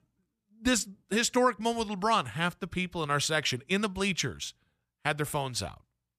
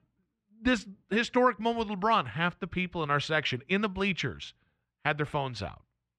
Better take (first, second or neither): first